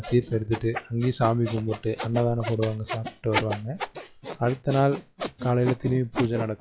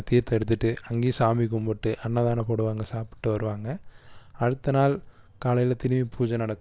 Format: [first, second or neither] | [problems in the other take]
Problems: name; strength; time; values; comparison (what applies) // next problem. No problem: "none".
second | noise reduction (classical method log-MMSE)